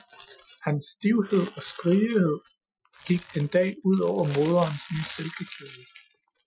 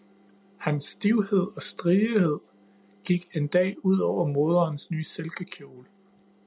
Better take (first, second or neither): second